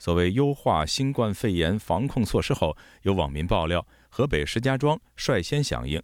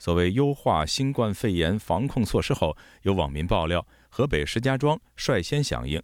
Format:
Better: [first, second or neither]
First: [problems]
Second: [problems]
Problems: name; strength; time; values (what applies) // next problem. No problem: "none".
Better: neither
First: none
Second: none